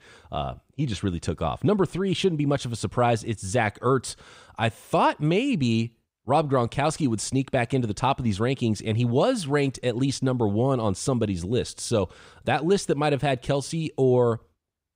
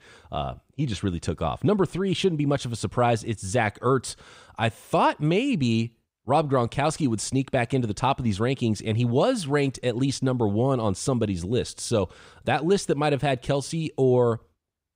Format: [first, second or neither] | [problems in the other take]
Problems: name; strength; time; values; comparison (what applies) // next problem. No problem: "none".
neither | none